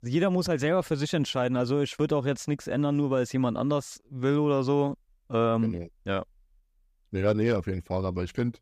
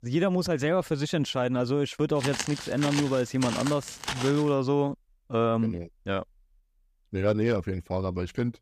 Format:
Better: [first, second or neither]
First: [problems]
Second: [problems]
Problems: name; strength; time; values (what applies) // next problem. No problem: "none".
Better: first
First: none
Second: footsteps; noticeable; from 2 to 4.5 s; peak 5 dB below the speech